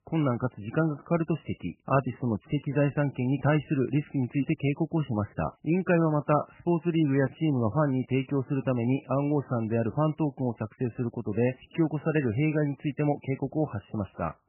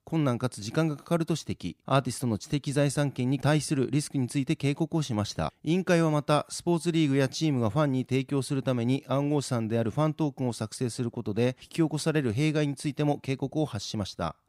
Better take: second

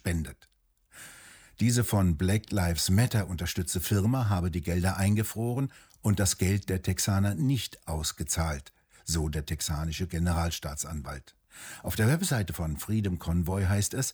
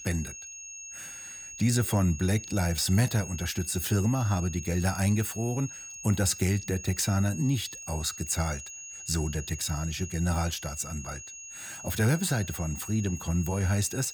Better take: first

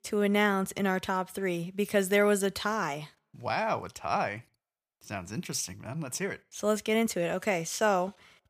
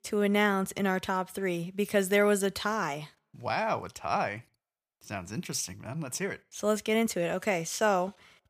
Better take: neither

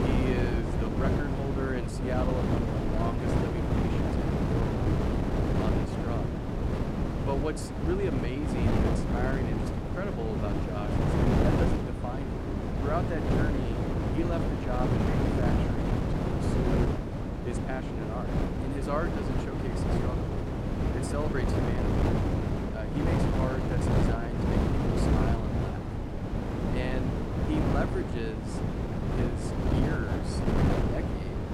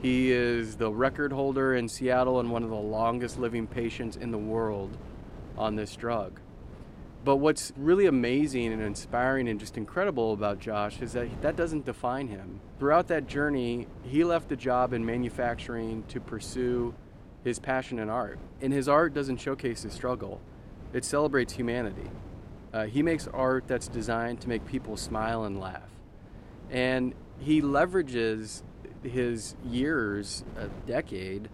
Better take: second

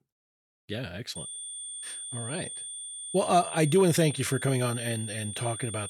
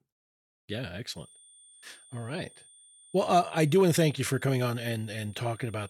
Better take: second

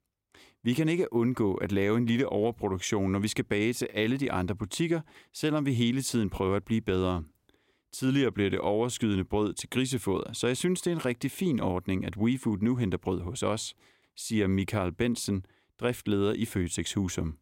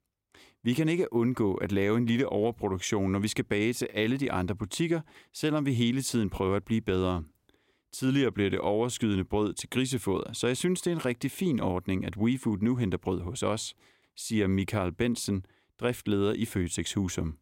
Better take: neither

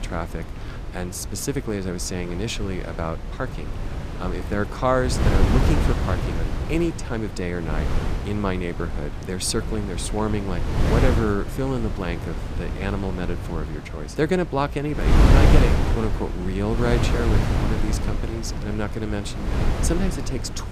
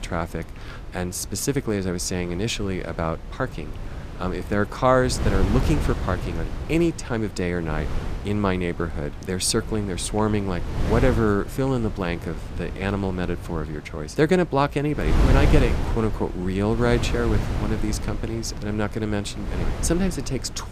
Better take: second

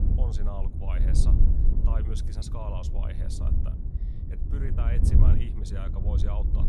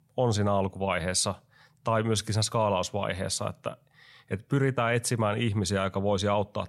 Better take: second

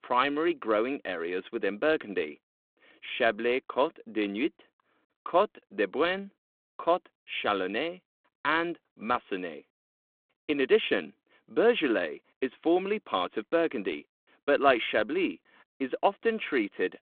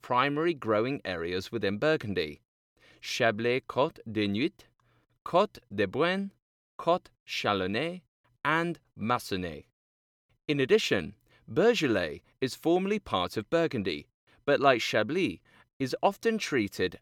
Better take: second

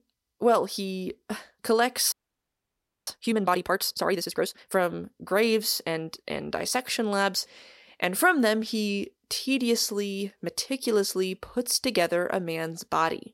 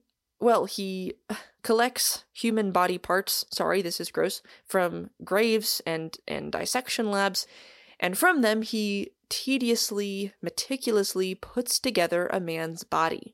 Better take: second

